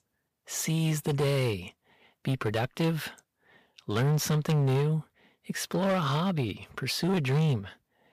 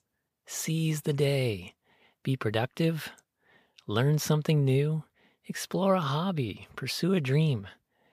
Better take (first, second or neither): second